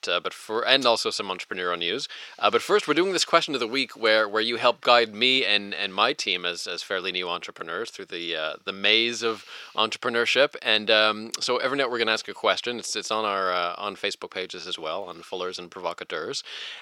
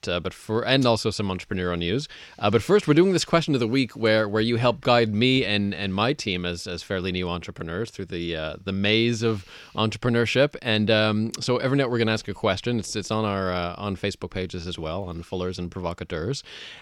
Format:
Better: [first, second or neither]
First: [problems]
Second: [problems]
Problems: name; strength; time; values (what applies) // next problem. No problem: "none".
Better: second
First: thin; somewhat; fading below 500 Hz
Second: none